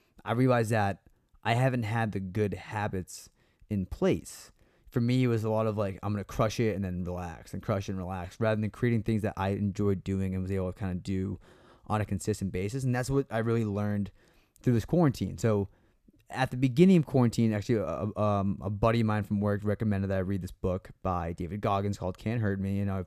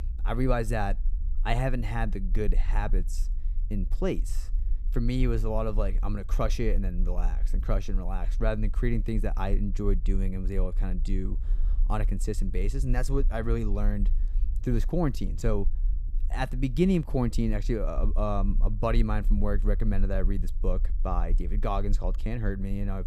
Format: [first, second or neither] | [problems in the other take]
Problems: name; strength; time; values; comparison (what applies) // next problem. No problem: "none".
first | low rumble; faint; throughout; 20 dB below the speech